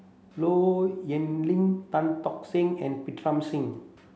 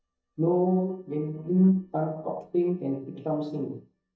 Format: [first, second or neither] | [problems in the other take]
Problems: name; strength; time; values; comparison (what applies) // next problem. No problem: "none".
first | noise reduction (neural mask model DeepFilterNet 3)